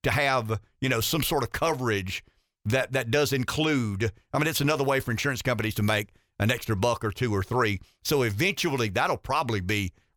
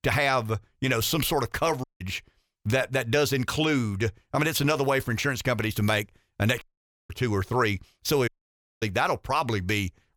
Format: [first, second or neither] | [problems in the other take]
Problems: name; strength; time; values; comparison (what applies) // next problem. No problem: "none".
first | audio cutting out; at 2 s, at 6.5 s and at 8.5 s for 0.5 s